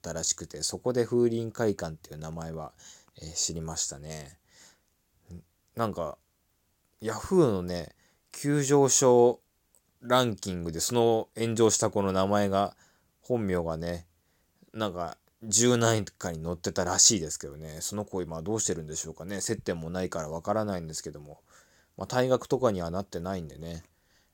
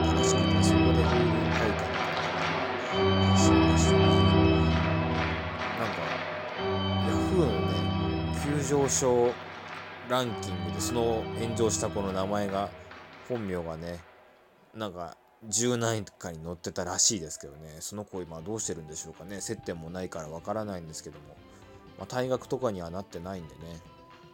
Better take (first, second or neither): first